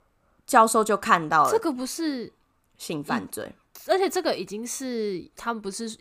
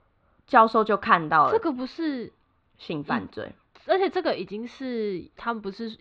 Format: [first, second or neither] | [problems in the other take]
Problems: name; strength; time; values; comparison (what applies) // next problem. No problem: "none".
first | muffled; slightly; fading above 4 kHz